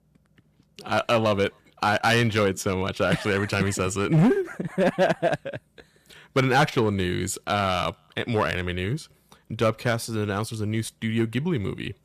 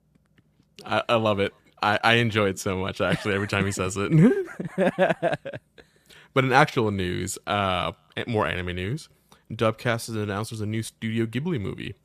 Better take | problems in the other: second | distortion; slight; 3% of the sound clipped

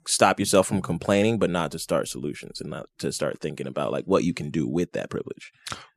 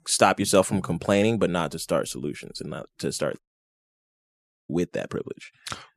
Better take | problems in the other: first | audio cutting out; at 3.5 s for 1.5 s

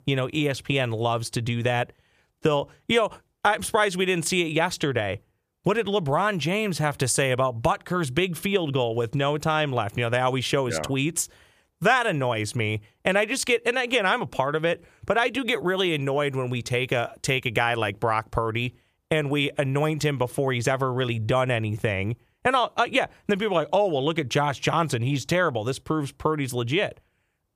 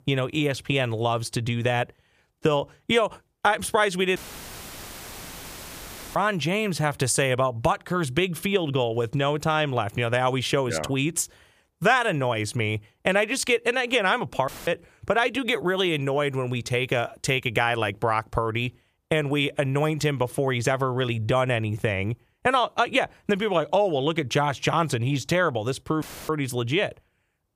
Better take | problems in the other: first | audio cutting out; filled with static; at 4 s for 2 s, at 14 s and at 26 s

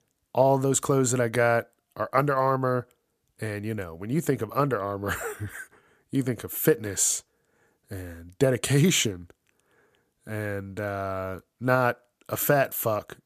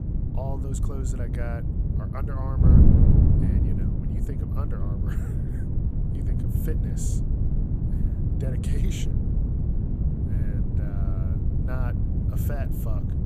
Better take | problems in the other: first | wind noise on the microphone; heavy; 4 dB above the speech

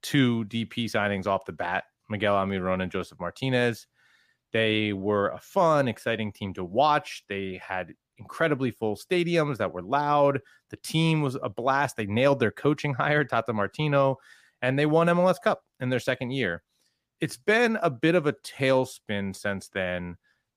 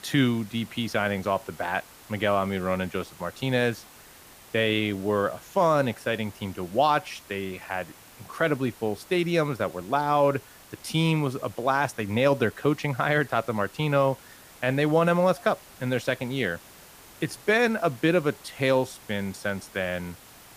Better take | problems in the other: first | hiss; faint; throughout; 20 dB below the speech

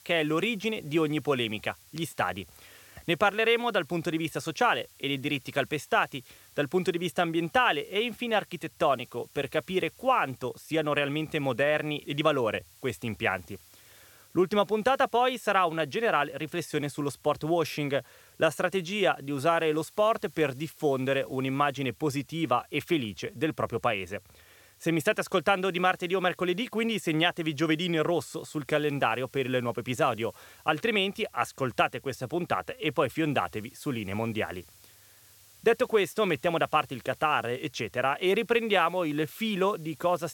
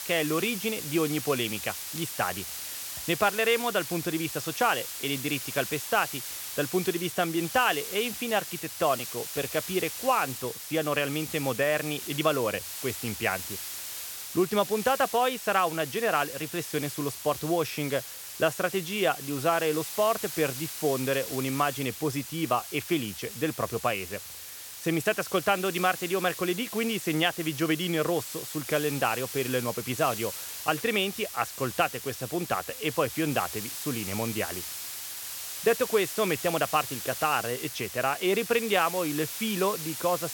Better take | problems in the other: first | hiss; loud; throughout; 7 dB below the speech; faint in the first

